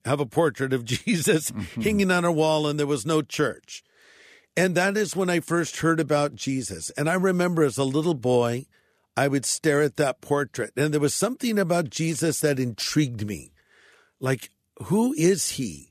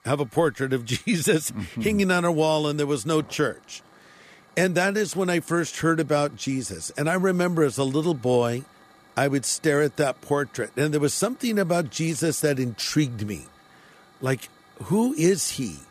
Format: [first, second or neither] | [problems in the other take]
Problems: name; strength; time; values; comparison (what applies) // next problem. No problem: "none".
first | hiss; faint; throughout; 30 dB below the speech